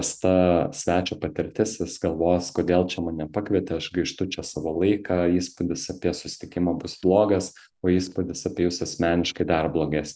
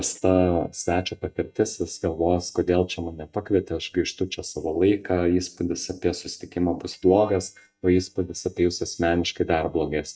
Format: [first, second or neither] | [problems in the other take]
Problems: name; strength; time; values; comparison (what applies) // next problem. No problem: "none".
first | noise reduction (neural mask model DeepFilterNet 3)